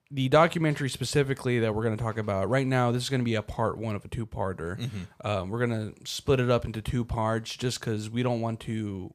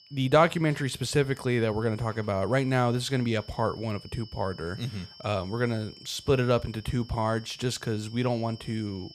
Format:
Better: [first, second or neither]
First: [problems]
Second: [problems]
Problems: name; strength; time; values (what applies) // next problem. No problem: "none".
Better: first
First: none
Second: high-pitched whine; faint; throughout; 5.5 kHz, 20 dB below the speech